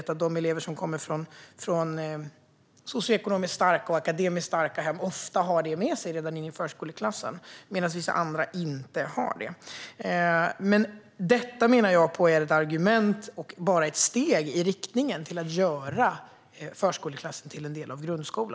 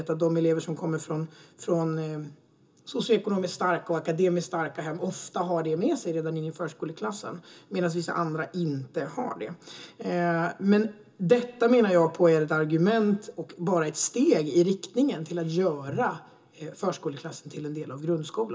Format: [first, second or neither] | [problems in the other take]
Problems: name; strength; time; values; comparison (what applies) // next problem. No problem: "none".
first | room echo; dies away in 0.2 s